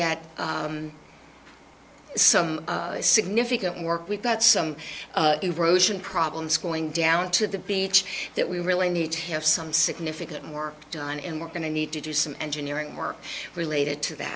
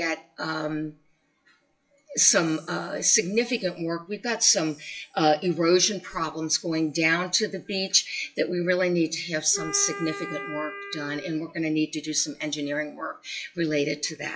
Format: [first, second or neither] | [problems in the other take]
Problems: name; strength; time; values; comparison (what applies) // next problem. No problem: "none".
first | noise reduction (classical method WPE with log-MMSE)